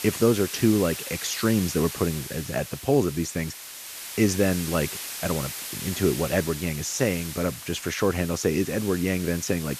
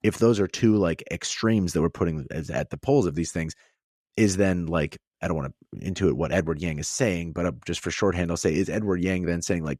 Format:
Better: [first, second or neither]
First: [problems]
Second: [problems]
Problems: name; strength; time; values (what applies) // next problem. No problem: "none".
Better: second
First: hiss; loud; throughout; 8 dB below the speech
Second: none